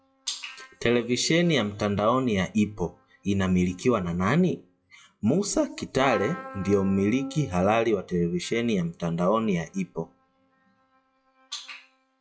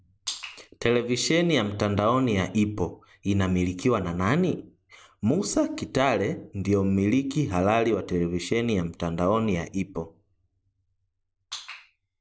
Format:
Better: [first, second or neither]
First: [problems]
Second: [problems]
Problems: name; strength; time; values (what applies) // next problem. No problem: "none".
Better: second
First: noise reduction (classical method WPE with log-MMSE)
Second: none